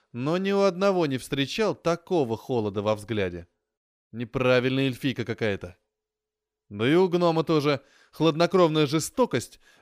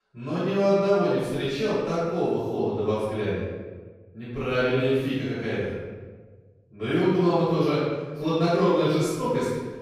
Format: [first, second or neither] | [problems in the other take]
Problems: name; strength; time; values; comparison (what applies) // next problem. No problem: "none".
first | room echo; strong; dies away in 1.4 s // off-mic speech; far